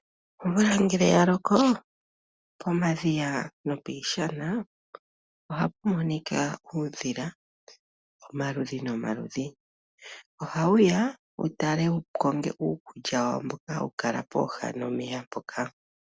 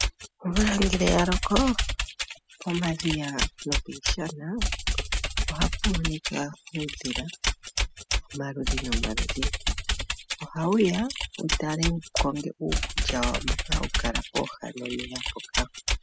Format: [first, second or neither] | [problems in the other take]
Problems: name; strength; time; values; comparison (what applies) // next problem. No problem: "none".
first | noise reduction (classical method spectral subtraction)